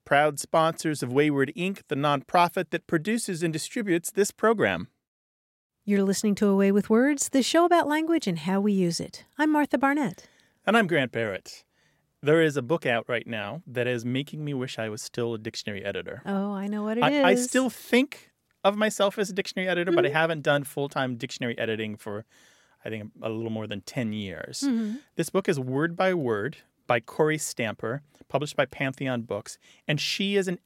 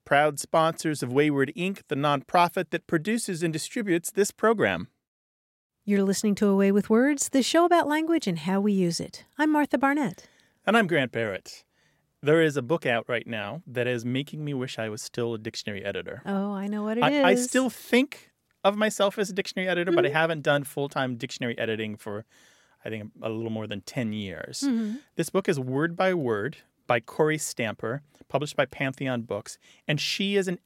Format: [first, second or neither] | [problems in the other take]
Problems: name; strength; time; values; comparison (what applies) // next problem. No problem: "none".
neither | none